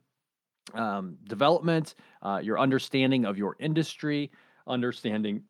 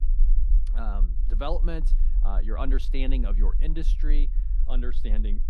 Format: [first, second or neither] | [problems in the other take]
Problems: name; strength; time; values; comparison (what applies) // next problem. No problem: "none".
first | low rumble; noticeable; throughout; 15 dB below the speech